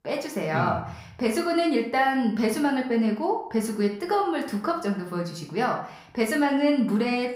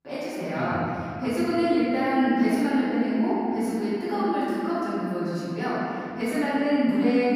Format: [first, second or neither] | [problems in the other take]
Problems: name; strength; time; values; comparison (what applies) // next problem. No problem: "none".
first | room echo; strong; dies away in 3 s; slight in the first // off-mic speech; far; somewhat distant in the first